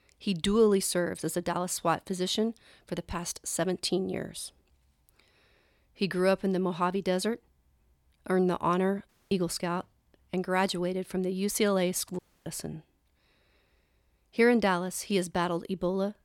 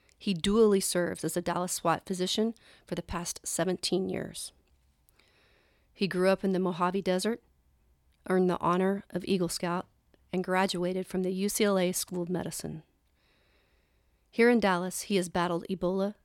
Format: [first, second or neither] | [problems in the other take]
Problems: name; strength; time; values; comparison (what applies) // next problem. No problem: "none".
second | audio cutting out; at 9 s and at 12 s